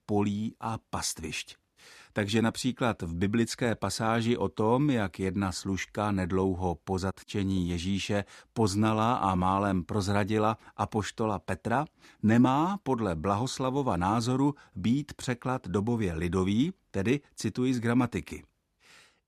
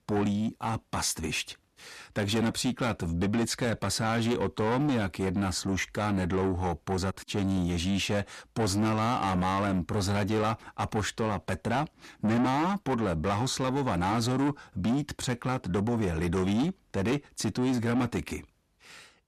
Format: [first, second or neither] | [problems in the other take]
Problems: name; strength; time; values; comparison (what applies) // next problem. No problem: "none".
first | distortion; heavy; 7 dB below the speech